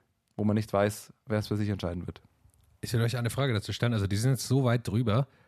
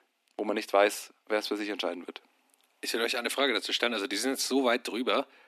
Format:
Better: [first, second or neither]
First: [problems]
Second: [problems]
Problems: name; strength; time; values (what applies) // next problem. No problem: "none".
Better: first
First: none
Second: thin; somewhat; fading below 250 Hz